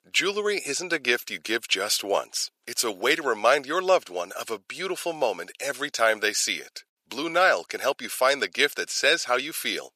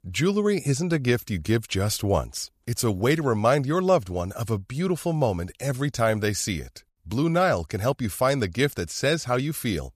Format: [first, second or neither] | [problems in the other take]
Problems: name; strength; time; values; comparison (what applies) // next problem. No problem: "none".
second | thin; very; fading below 400 Hz